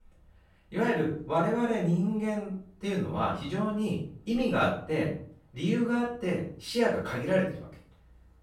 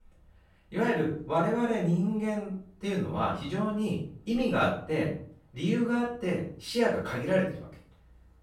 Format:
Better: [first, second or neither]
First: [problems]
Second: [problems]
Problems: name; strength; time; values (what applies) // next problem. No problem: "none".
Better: neither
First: off-mic speech; far // room echo; noticeable; dies away in 0.4 s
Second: off-mic speech; far // room echo; noticeable; dies away in 0.4 s